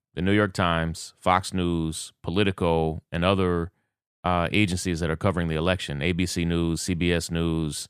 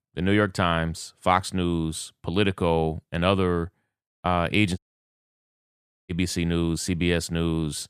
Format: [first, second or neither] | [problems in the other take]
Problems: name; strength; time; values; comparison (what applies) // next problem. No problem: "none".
first | audio cutting out; at 5 s for 1.5 s